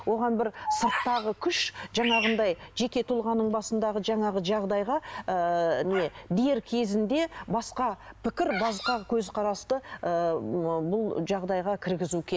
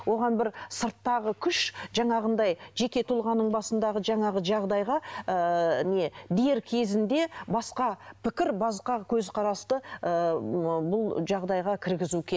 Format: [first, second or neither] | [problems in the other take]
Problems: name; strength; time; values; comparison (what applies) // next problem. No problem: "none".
second | background sound (Bird vocalization, bird call, bird song); 11 dB below the speech